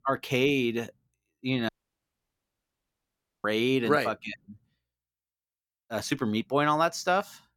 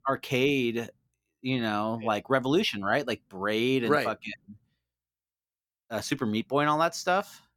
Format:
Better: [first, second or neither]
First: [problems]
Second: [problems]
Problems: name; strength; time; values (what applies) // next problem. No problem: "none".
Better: second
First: audio cutting out; at 1.5 s for 2 s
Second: none